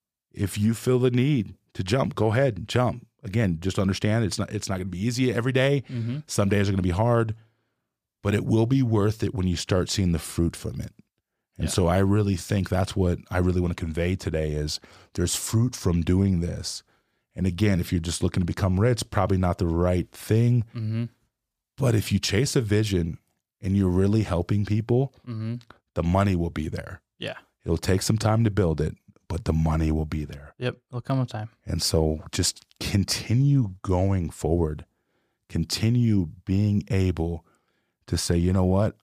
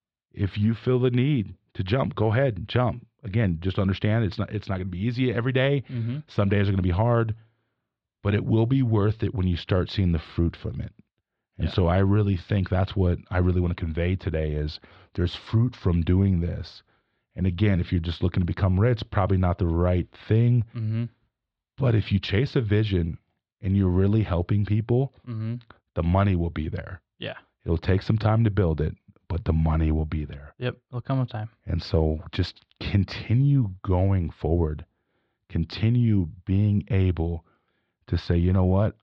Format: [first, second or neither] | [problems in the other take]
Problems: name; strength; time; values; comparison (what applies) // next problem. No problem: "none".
first | muffled; slightly; fading above 4 kHz